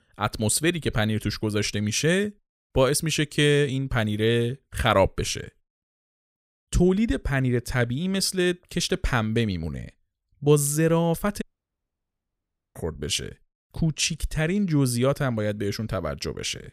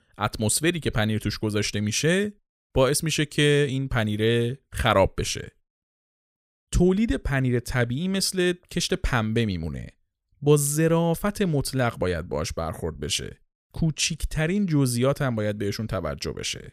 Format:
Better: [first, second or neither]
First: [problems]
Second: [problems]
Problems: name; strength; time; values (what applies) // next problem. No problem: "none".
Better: second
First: audio cutting out; at 11 s for 1.5 s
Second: none